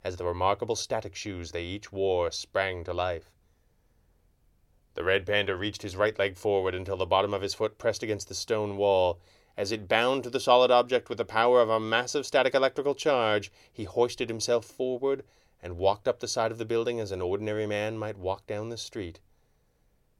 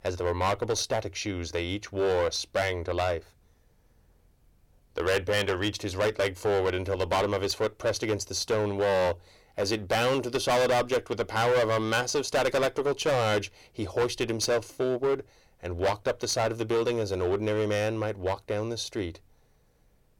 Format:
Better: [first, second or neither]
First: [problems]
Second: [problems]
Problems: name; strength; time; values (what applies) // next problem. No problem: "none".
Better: first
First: none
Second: distortion; heavy; 11% of the sound clipped